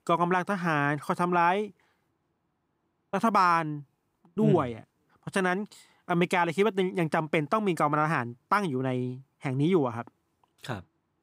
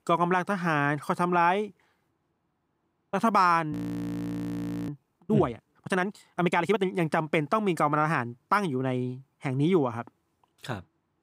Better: first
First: none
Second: audio freezing; at 3.5 s for 1 s

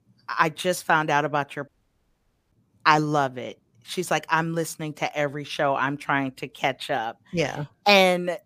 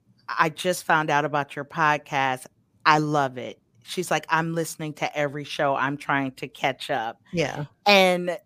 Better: second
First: audio cutting out; at 1.5 s for 1 s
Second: none

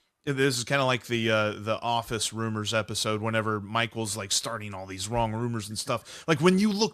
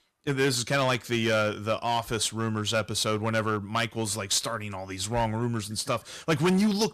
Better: first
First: none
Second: distortion; slight; 5% of the sound clipped

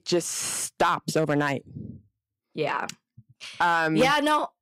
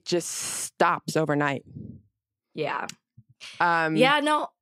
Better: second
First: distortion; slight; 2% of the sound clipped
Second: none

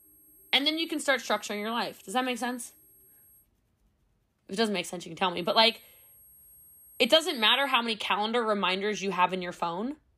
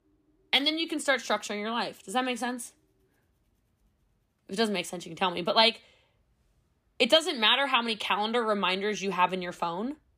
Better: second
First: high-pitched whine; faint; until 3.5 s and from 5.5 to 8 s; 11.5 kHz, 25 dB below the speech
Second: none

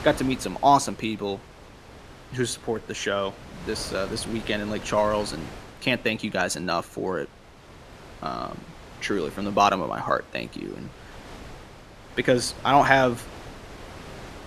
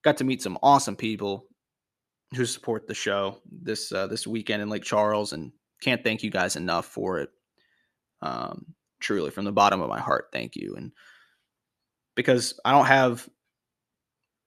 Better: second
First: wind noise on the microphone; occasional gusts; 20 dB below the speech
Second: none

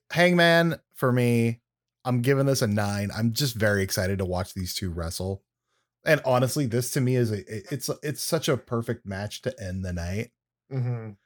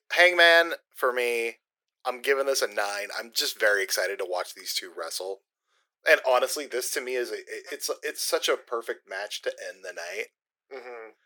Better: first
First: none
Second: thin; very; fading below 400 Hz

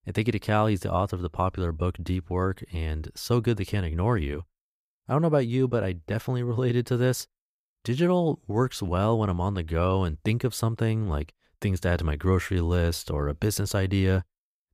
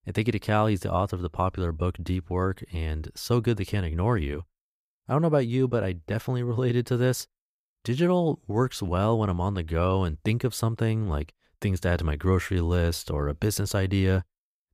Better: neither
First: none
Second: none

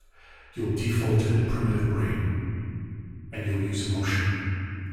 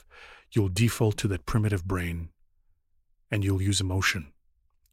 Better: second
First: room echo; strong; dies away in 3 s // off-mic speech; far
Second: none

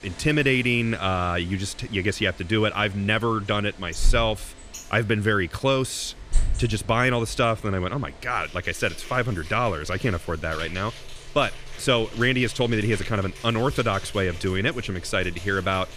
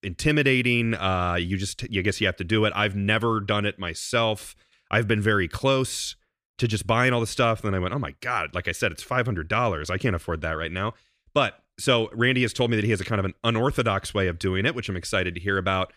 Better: second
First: animal sounds; noticeable; throughout; 15 dB below the speech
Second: none

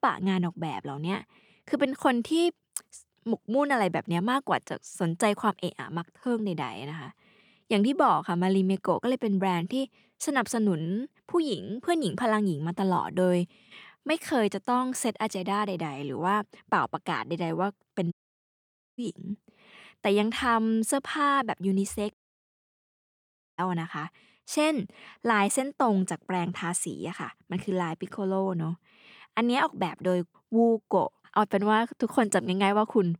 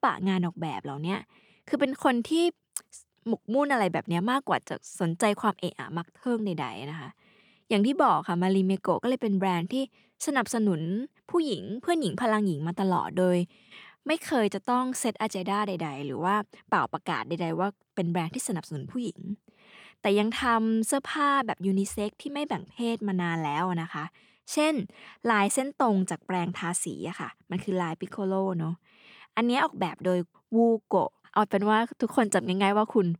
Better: second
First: audio cutting out; at 18 s for 1 s and at 22 s for 1.5 s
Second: none

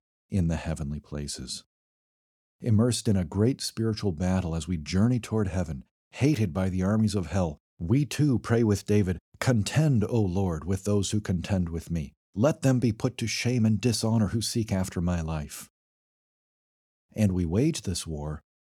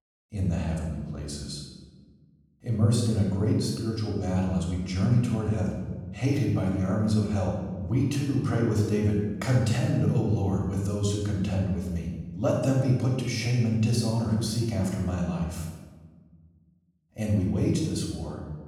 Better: first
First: none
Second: off-mic speech; far // room echo; noticeable; dies away in 1.2 s

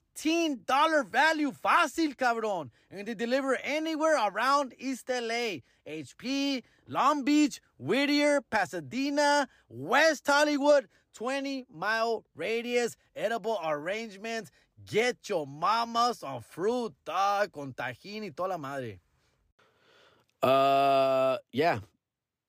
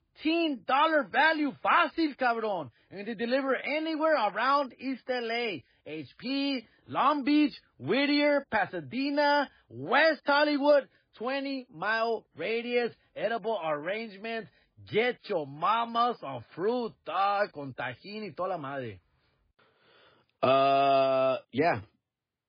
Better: first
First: none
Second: garbled, watery; badly

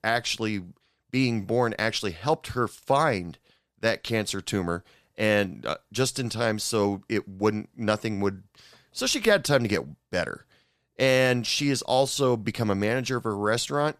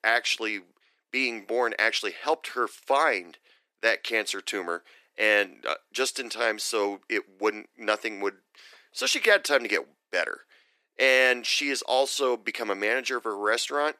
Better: first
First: none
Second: thin; somewhat; fading below 300 Hz

